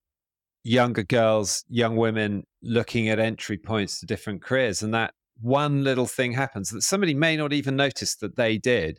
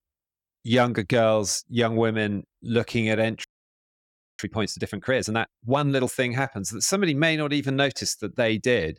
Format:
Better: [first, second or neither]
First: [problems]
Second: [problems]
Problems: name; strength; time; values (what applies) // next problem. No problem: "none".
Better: first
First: none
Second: audio freezing; at 3.5 s for 1 s